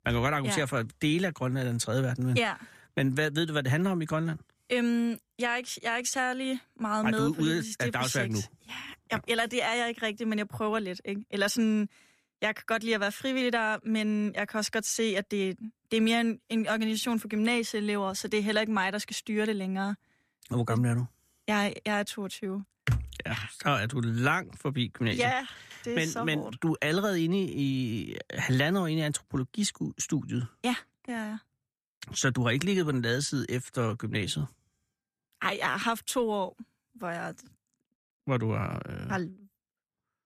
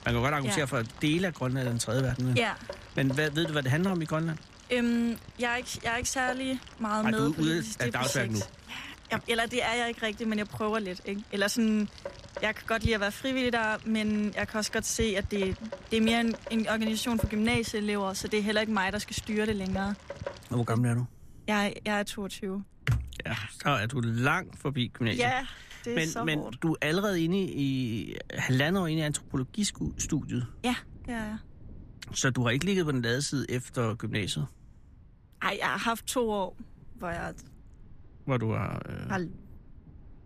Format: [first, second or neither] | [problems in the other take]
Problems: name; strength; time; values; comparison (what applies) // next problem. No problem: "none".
first | rain or running water; noticeable; throughout; 15 dB below the speech